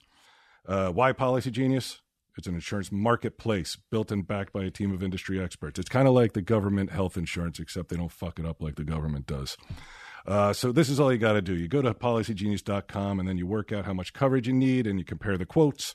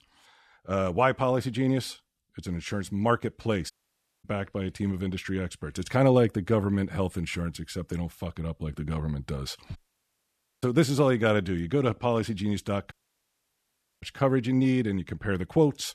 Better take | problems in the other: first | audio cutting out; at 3.5 s for 0.5 s, at 10 s for 1 s and at 13 s for 1 s

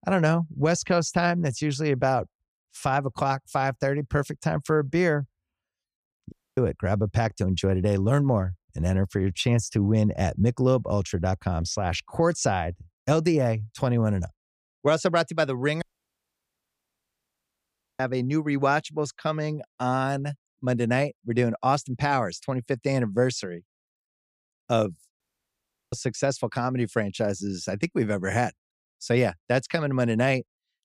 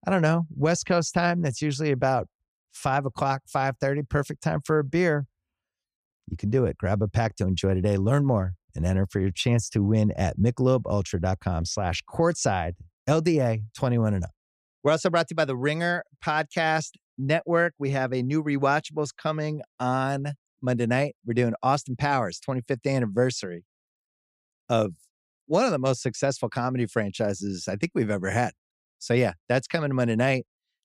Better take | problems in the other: second | audio cutting out; at 6.5 s, at 16 s for 2 s and at 25 s for 0.5 s

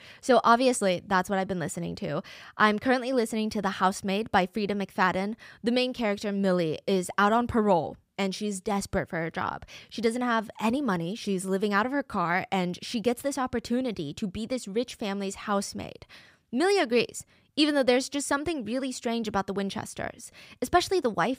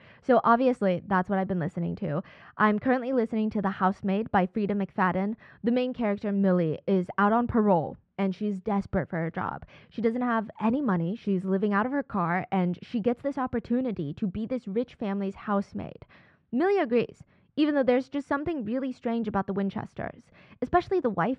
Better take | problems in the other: first | muffled; very; fading above 2 kHz

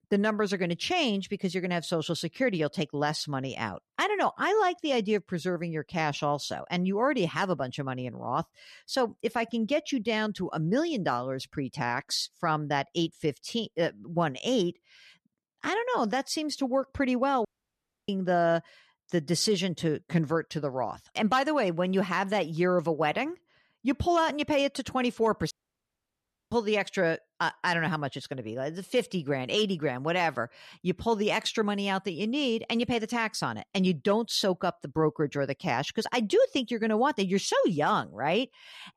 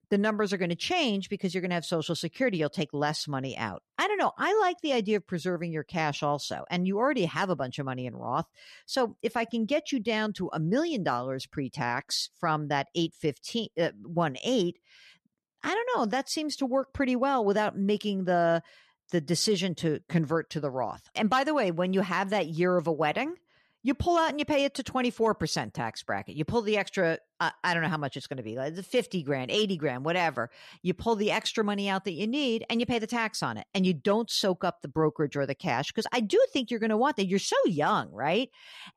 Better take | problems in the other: second | audio cutting out; at 17 s for 0.5 s and at 26 s for 1 s

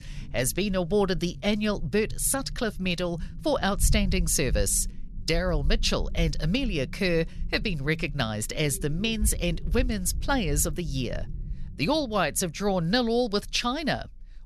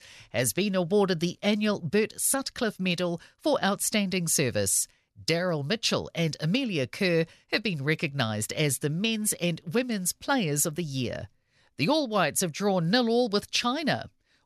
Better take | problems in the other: second | low rumble; faint; throughout; 25 dB below the speech

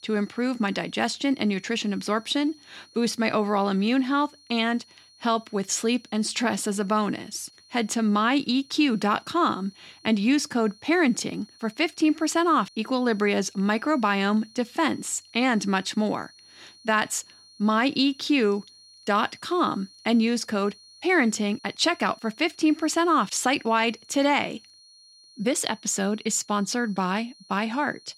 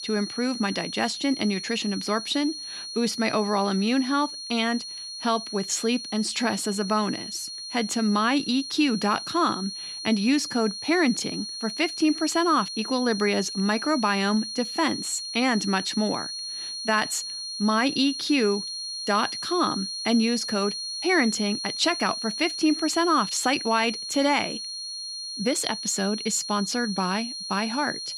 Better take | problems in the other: first | high-pitched whine; loud; throughout; 4.5 kHz, 6 dB below the speech; faint in the first

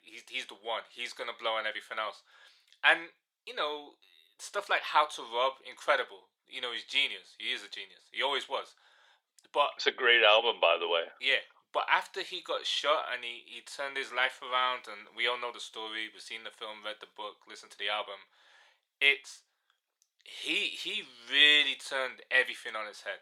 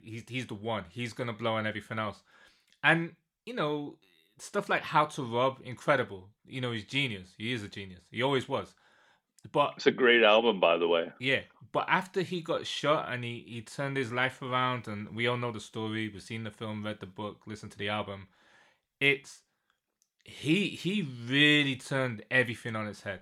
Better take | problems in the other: second | thin; very; fading below 550 Hz

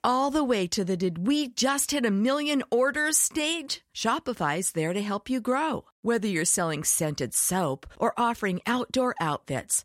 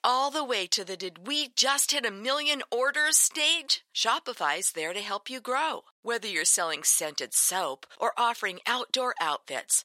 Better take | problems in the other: first | thin; very; fading below 600 Hz

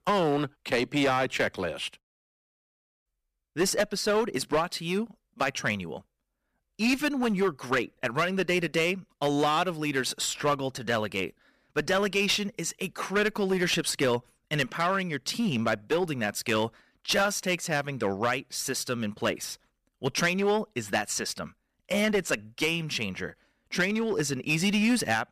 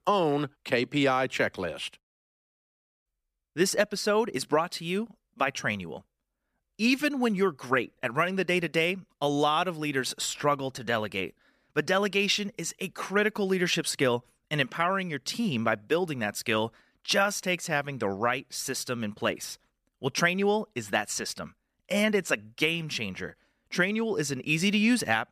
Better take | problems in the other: second | distortion; slight; 6% of the sound clipped

